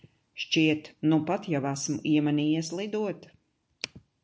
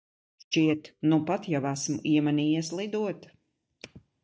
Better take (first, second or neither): first